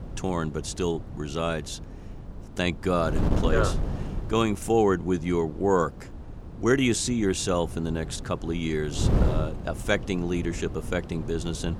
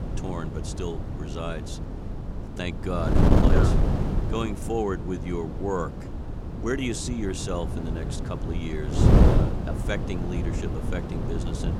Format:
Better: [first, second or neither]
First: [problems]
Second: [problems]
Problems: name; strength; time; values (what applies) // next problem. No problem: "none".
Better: first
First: wind noise on the microphone; occasional gusts; 15 dB below the speech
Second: wind noise on the microphone; heavy; as loud as the speech